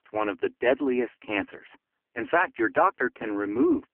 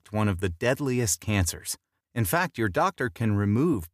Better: second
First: phone-call audio; poor line; nothing above 3 kHz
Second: none

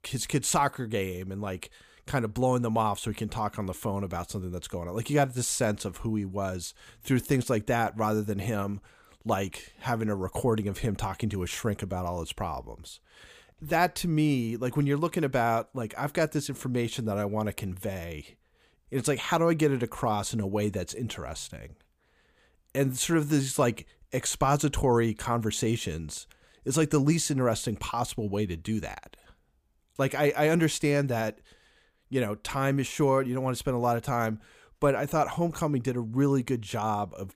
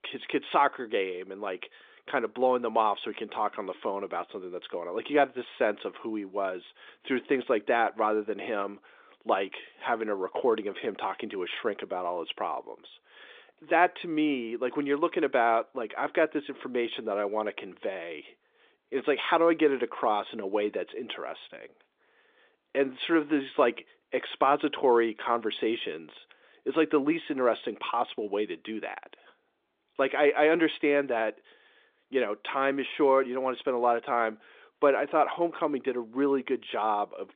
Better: first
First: none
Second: phone-call audio

